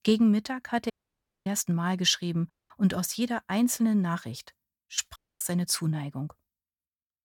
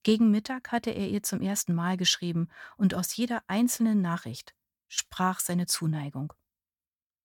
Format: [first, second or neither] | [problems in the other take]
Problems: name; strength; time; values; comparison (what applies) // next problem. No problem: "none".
second | audio cutting out; at 1 s for 0.5 s, at 2.5 s and at 5 s